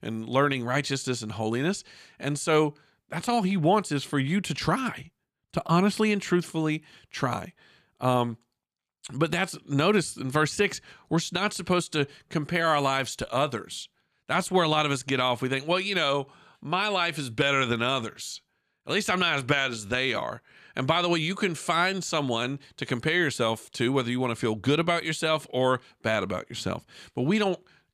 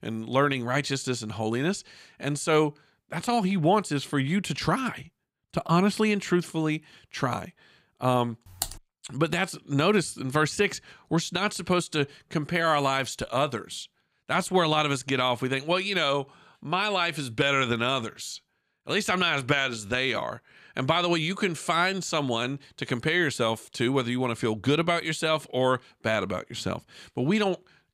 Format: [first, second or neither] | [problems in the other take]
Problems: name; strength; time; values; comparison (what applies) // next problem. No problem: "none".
first | keyboard typing; noticeable; at 8.5 s; peak 7 dB below the speech